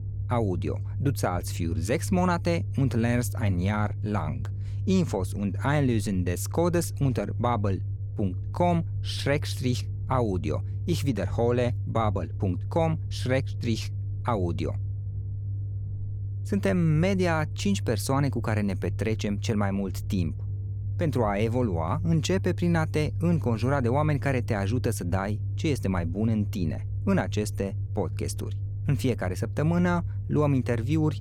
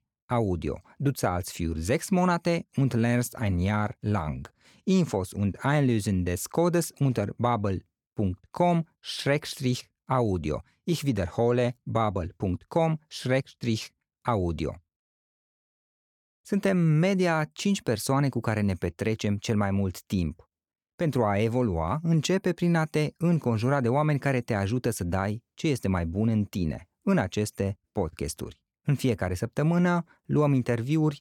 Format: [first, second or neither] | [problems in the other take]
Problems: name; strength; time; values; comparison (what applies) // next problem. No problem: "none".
second | low rumble; noticeable; throughout; 15 dB below the speech